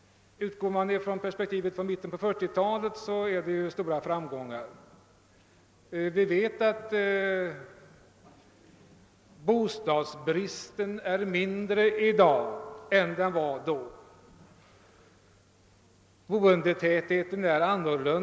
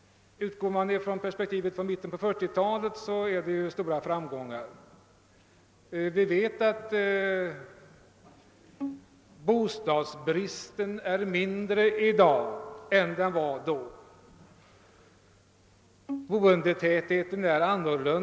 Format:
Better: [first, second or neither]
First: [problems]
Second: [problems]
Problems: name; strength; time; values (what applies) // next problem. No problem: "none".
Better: first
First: none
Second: background sound (Bowed string instrument); 15 dB below the speech